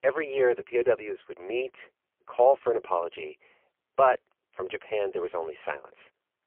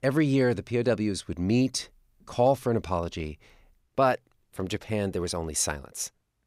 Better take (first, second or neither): second